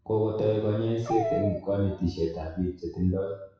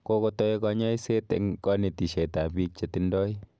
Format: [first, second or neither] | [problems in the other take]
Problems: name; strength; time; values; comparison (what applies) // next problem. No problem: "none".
second | noise reduction (classical method WPE with log-MMSE)